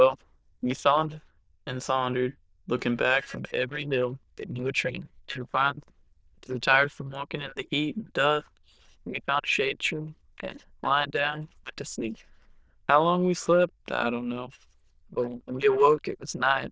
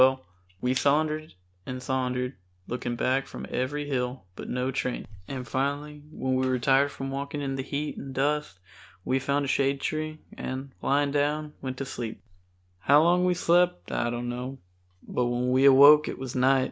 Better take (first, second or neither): second